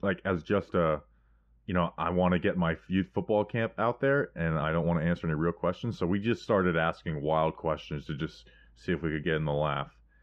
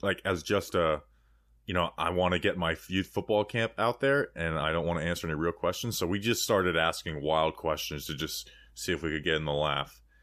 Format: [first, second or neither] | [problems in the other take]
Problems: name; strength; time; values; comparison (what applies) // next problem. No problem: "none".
second | muffled; very; fading above 2 kHz